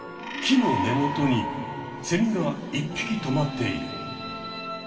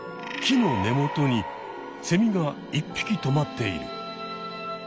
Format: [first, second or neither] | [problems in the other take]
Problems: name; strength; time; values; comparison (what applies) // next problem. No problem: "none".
second | room echo; dies away in 2.5 s